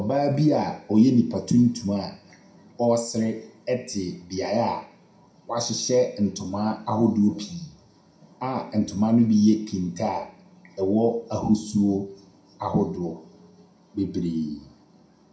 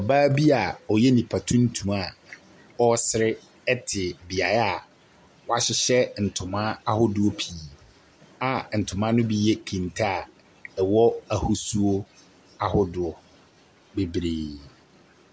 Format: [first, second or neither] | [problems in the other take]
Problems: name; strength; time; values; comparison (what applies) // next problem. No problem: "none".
second | room echo; dies away in 0.5 s